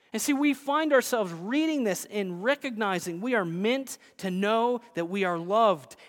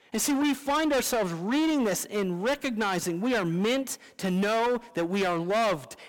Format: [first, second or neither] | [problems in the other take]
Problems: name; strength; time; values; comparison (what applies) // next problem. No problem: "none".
first | distortion; heavy; 20% of the sound clipped